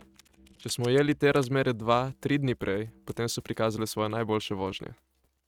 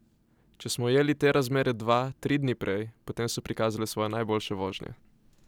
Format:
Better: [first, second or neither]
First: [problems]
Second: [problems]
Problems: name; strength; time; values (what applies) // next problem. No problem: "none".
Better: second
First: noise reduction (neural mask model RNNoise)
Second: none